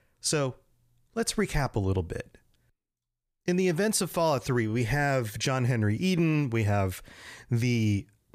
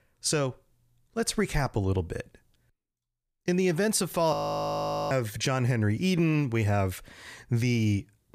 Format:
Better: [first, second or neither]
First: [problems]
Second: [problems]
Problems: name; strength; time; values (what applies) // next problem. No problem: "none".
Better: first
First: none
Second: audio freezing; at 4.5 s for 1 s